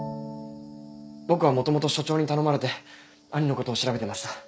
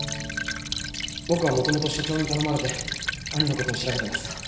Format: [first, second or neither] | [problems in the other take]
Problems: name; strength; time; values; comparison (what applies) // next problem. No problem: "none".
first | background sound (Stream / Trickle, dribble); 3 dB below the speech // room echo; dies away in 1.1 s